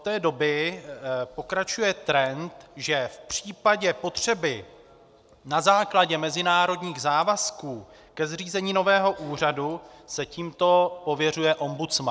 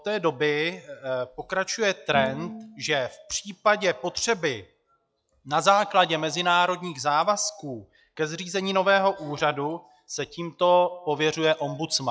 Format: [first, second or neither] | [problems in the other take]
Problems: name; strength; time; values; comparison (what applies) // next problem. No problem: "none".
first | noise reduction (classical method log-MMSE)